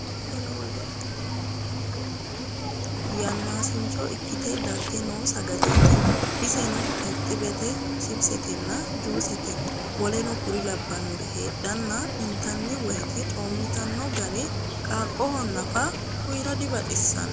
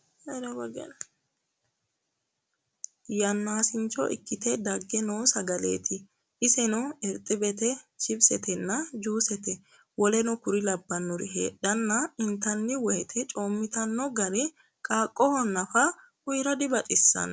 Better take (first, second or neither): second